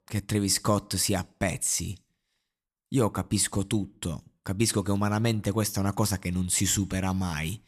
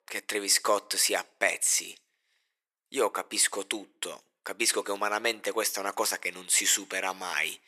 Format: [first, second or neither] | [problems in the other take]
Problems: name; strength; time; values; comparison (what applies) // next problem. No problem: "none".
first | thin; very; fading below 450 Hz